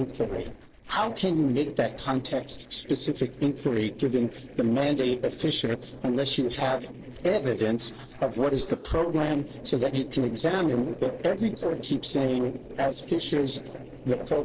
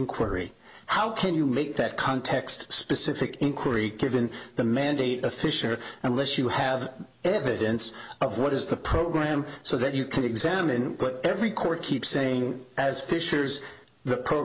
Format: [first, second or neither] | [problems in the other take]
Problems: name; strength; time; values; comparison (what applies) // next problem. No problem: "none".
second | noise reduction (neural separator model SepFormer DNS4)